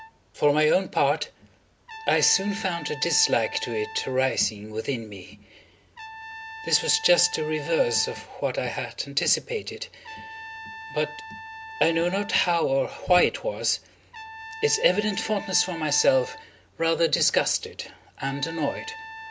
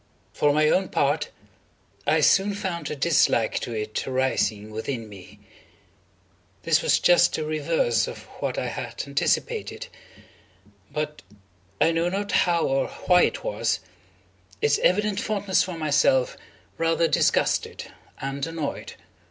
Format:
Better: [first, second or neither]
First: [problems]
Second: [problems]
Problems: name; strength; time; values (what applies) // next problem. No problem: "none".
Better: second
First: background sound (Trumpet); 15 dB below the speech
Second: none